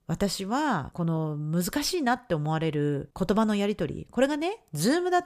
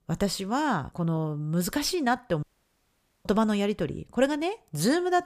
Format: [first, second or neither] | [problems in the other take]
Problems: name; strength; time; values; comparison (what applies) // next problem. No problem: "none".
first | audio cutting out; at 2.5 s for 1 s